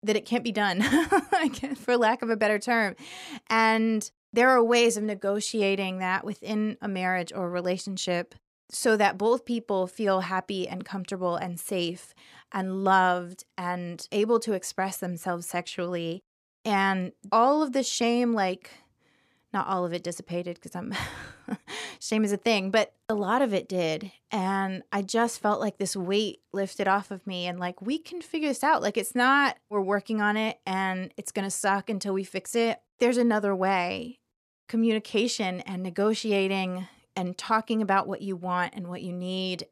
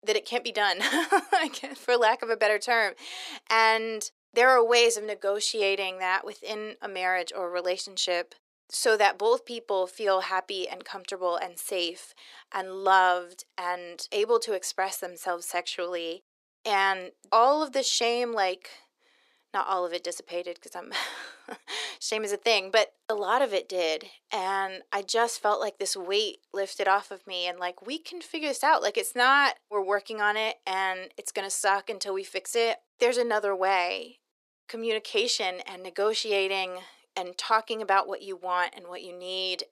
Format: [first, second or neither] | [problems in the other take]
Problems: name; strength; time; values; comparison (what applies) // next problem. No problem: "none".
first | thin; very; fading below 400 Hz